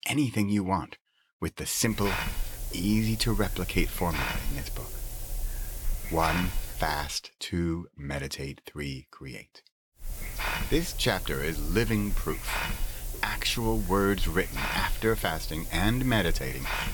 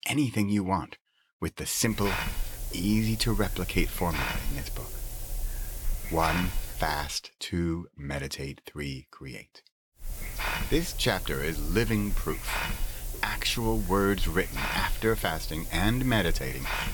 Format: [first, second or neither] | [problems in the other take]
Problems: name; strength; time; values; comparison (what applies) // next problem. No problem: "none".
neither | hiss; loud; from 2 to 7 s and from 10 s on; 6 dB below the speech; the same in both